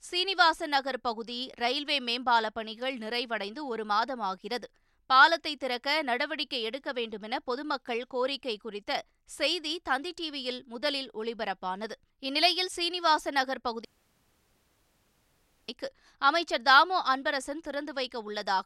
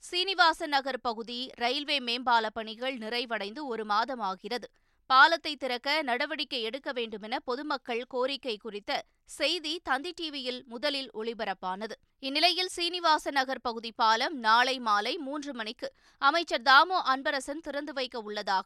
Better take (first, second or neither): second